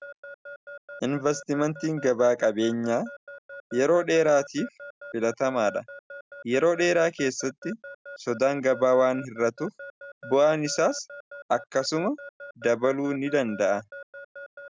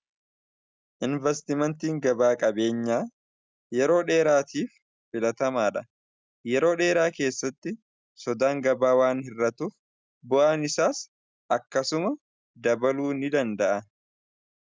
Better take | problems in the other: second | background sound (Alarm / Keyboard (musical)); 17 dB below the speech

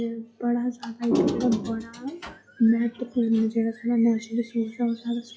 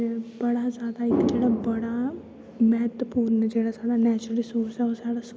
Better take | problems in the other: second | noise reduction (classical method log-MMSE)

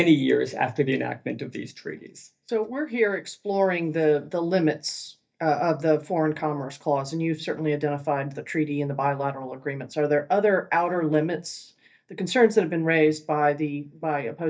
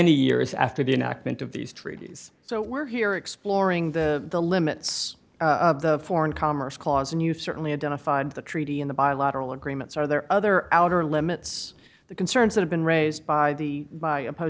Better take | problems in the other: second | noise reduction (neural mask model DeepFilterNet 3)

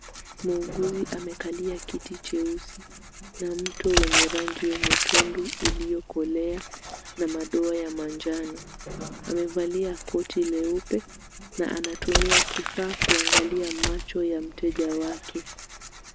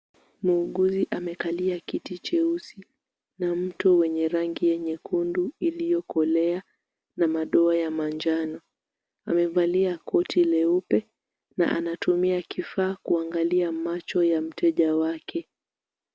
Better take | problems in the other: second | background sound (Tearing); as loud as the speech

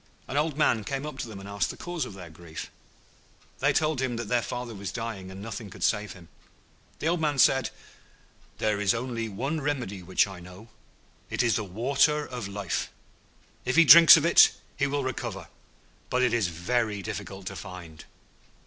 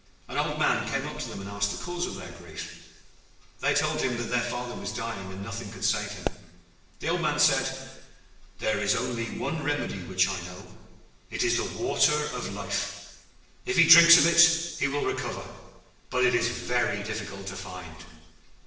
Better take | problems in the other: first | background sound (Explosion); 8 dB below the speech // room echo; dies away in 1.1 s

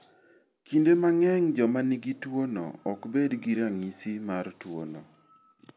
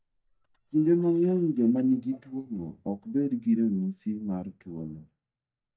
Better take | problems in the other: first | noise reduction (neural mask model DeepFilterNet 3)

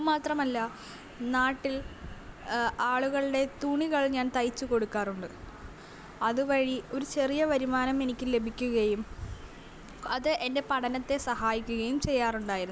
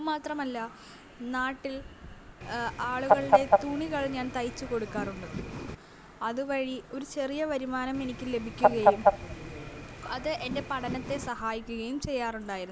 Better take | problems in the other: first | background sound (Fowl); 5 dB above the speech

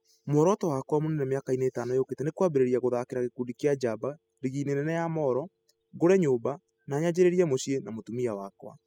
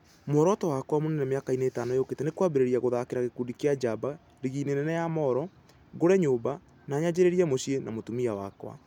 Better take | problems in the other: second | noise reduction (classical method spectral subtraction)

